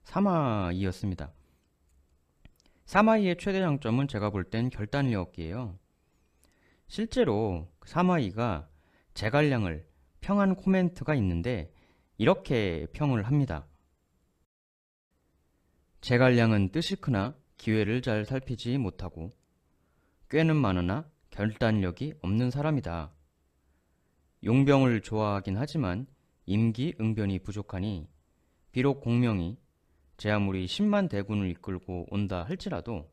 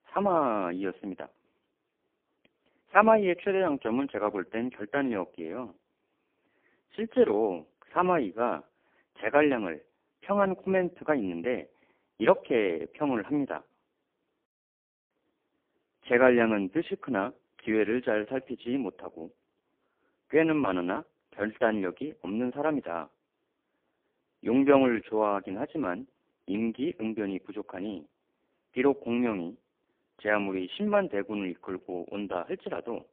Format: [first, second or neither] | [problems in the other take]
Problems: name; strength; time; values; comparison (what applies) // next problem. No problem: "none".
first | phone-call audio; poor line